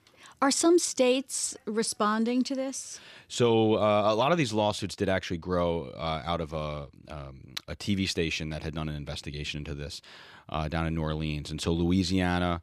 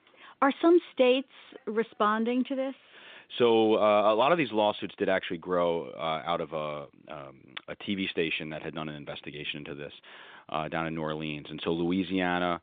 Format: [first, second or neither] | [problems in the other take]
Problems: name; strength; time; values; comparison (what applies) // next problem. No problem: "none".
first | phone-call audio; nothing above 3.5 kHz